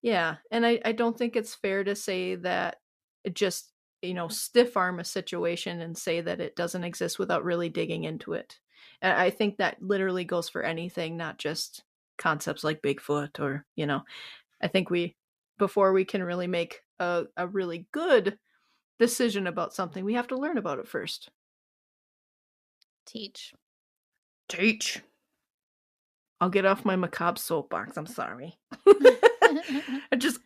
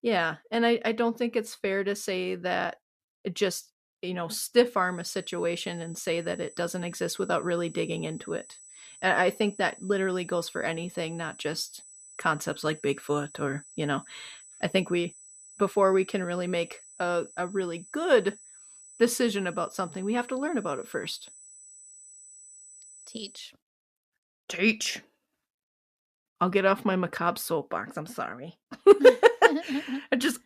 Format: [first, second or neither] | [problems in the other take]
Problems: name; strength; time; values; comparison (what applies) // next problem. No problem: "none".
first | high-pitched whine; faint; from 5 to 23 s; 8 kHz, 20 dB below the speech